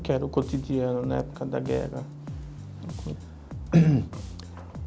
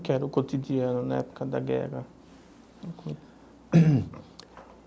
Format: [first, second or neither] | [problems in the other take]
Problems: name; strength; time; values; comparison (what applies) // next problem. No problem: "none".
second | background sound (Bass guitar); 11 dB below the speech